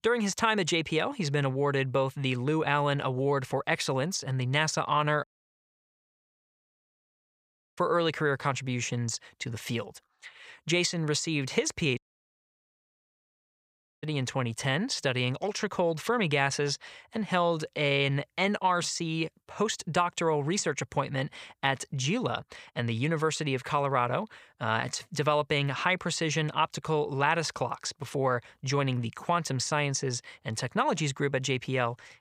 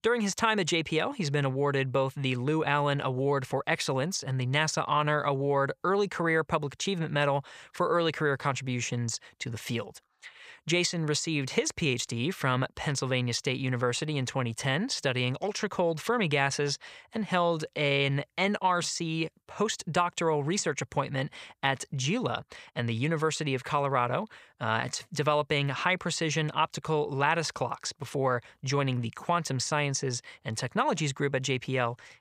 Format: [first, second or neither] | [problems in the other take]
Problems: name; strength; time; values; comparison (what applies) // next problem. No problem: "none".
second | audio cutting out; at 5 s for 2.5 s and at 12 s for 2 s